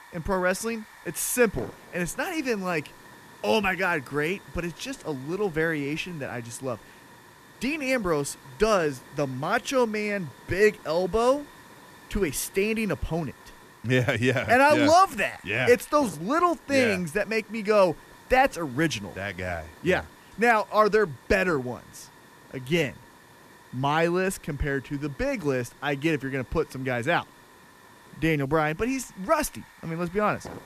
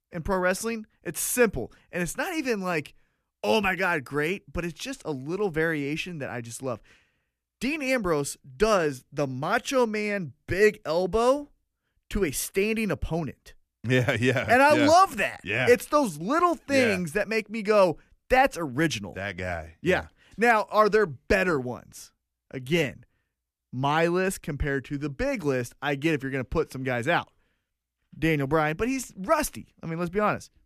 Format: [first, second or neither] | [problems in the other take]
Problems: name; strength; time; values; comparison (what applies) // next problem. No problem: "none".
second | hiss; faint; throughout; 25 dB below the speech